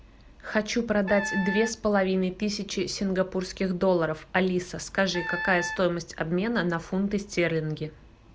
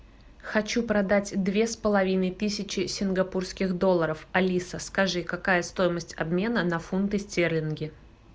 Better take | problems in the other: second | background sound (Wind instrument, woodwind instrument); 8 dB below the speech

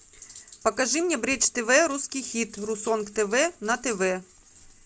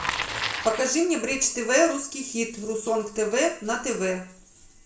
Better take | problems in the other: first | background sound (Bicycle); 11 dB below the speech // room echo; dies away in 0.4 s

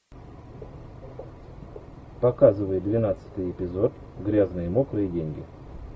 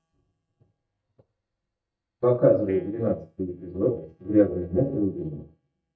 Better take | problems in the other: first | noise reduction (neural mask model DeepFilterNet 3)

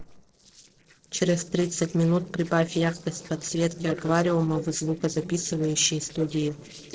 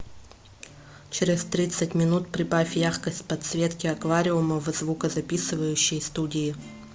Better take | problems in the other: second | noise reduction (neural separator model SepFormer DNS4)

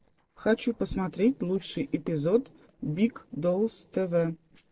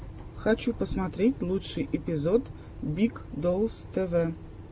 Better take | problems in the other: second | noise reduction (neural separator model SepFormer DNS4)

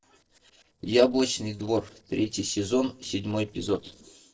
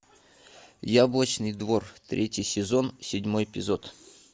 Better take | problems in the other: second | noise reduction (neural separator model SepFormer DNS4)

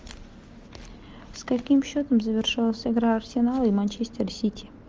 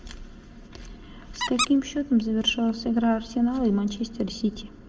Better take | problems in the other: first | background sound (Squeak); 8 dB below the speech // room echo; dies away in 1.3 s

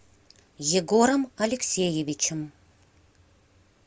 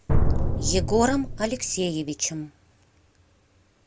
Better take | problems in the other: first | background sound (Drum); 3 dB above the speech

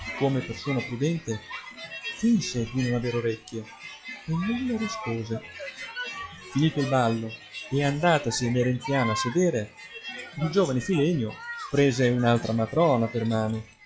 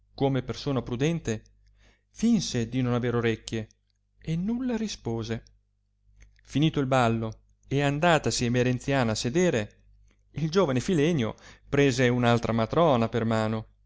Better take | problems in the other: second | noise reduction (classical method log-MMSE)

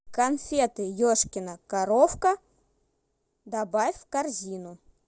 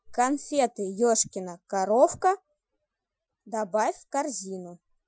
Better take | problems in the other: first | noise reduction (classical method Wiener filter)

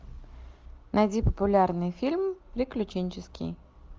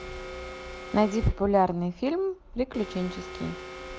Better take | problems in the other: first | background sound (Alarm); 13 dB below the speech

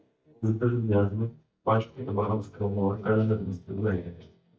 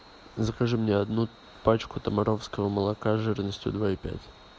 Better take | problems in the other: second | noise reduction (neural mask model DeepFilterNet 3)

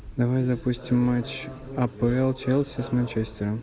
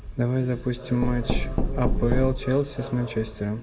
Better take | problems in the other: first | background sound (Knock); as loud as the speech // room echo; dies away in 0.2 s

